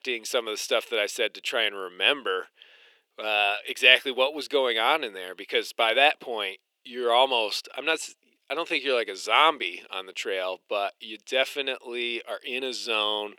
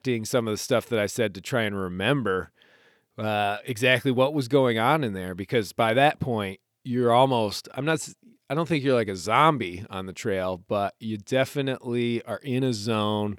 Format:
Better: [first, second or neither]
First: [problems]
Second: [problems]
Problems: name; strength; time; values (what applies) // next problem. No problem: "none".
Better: second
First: thin; very; fading below 350 Hz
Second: none